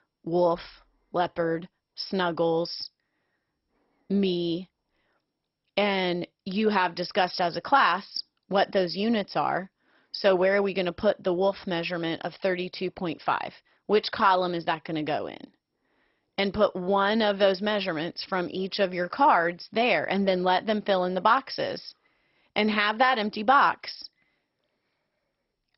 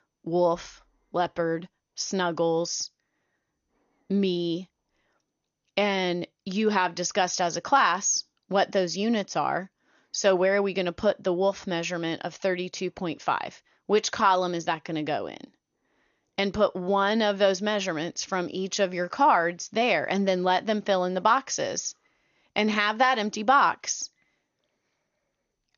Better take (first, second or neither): second